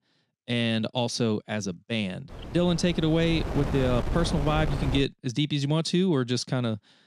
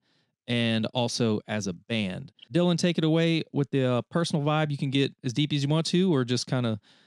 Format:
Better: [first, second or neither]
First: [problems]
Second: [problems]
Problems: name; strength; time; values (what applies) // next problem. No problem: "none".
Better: second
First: wind noise on the microphone; heavy; from 2.5 to 5 s; 8 dB below the speech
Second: none